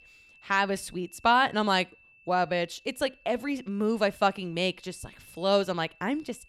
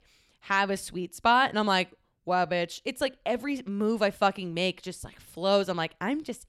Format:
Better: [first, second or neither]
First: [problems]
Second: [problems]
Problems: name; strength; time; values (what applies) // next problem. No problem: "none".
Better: second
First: high-pitched whine; faint; throughout; 2.5 kHz, 30 dB below the speech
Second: none